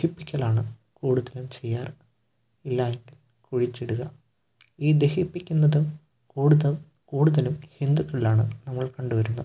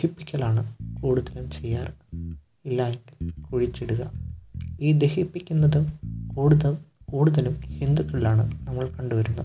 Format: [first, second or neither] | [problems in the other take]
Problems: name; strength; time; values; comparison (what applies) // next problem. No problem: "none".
first | background sound (Bass guitar); 11 dB below the speech